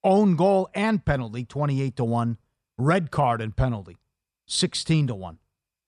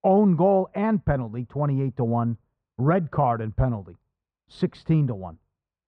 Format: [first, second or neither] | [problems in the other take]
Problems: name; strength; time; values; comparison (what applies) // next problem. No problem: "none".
first | muffled; very; fading above 3.5 kHz